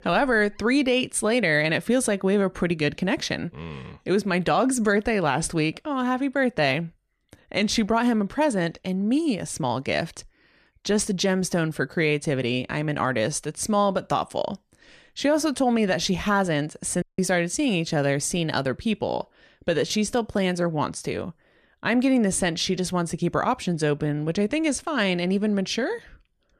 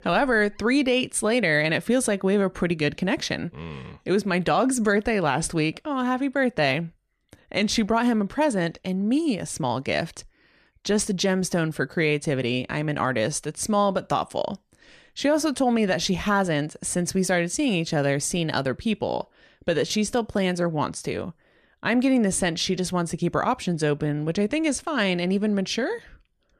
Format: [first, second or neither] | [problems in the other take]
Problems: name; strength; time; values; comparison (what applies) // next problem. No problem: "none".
second | audio cutting out; at 17 s